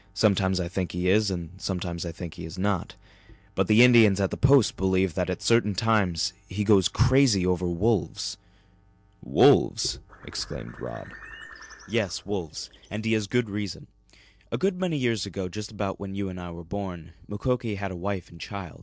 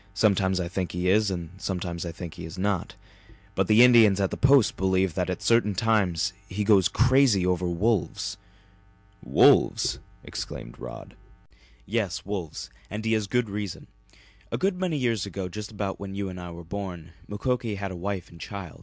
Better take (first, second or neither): second